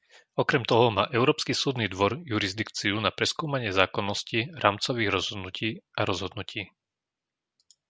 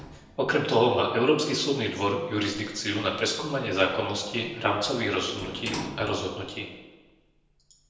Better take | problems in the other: first | background sound (Sliding door); 17 dB below the speech // room echo; dies away in 1 s

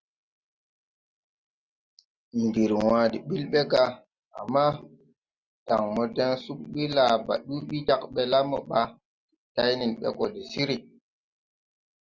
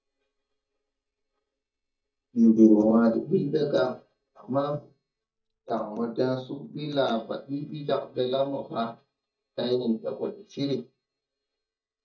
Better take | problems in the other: first | noise reduction (neural mask model DeepFilterNet 3)

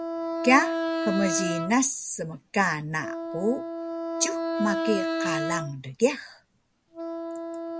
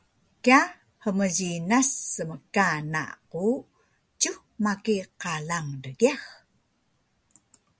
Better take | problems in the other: second | background sound (Wind instrument, woodwind instrument); 3 dB below the speech

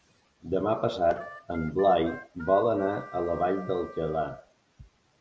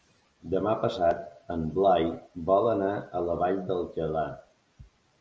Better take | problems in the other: second | background sound (Harmonica); 18 dB below the speech

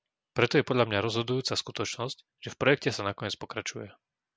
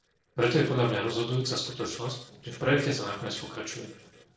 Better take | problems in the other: first | noise reduction (neural separator model SepFormer DNS4)

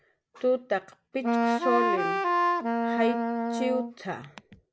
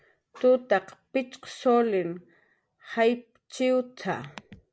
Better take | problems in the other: second | background sound (Wind instrument, woodwind instrument); 5 dB above the speech

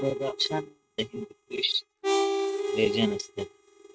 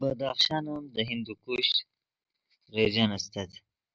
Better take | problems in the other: second | noise reduction (neural mask model RNNoise)

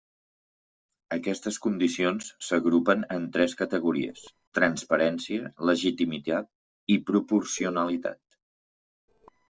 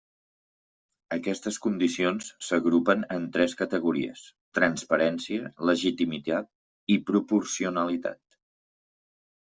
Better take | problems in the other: second | noise reduction (neural separator model SepFormer DNS4)

